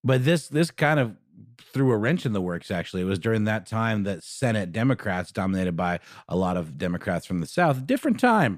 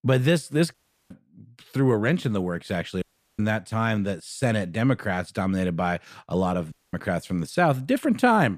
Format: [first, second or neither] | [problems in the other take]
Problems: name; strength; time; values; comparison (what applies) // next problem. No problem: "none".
first | audio cutting out; at 0.5 s, at 3 s and at 6.5 s